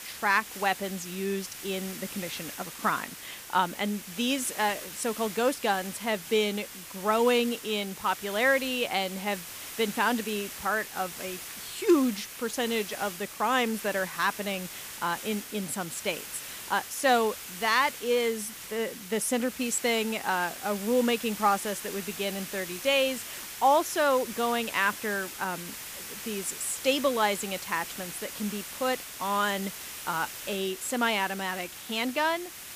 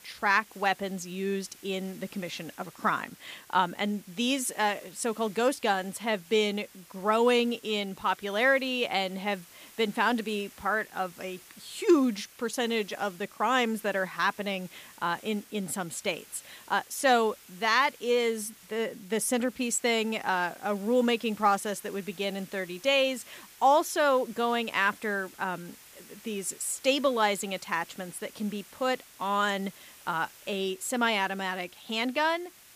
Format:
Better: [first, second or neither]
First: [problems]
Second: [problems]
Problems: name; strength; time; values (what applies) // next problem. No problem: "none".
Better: second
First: hiss; loud; throughout; 10 dB below the speech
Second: hiss; faint; throughout; 20 dB below the speech